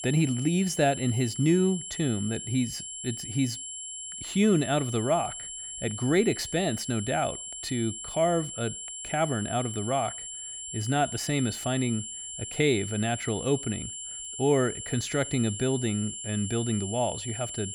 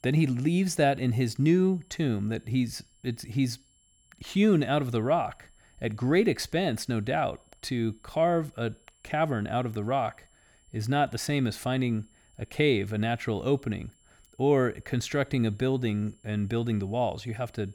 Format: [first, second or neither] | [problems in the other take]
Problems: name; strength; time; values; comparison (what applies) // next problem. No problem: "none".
second | high-pitched whine; loud; throughout; 7.5 kHz, 7 dB below the speech; faint in the second